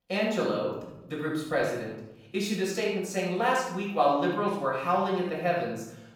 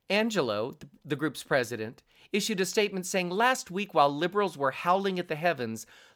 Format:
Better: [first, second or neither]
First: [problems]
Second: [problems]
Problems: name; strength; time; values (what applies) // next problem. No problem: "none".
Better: second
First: off-mic speech; far // room echo; noticeable; dies away in 0.8 s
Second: none